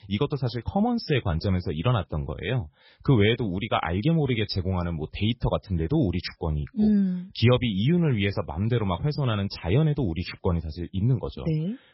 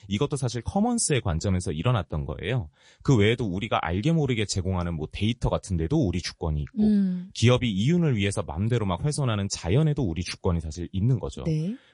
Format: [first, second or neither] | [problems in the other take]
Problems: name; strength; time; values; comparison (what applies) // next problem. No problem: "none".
second | garbled, watery; badly; nothing above 5.5 kHz; slightly in the second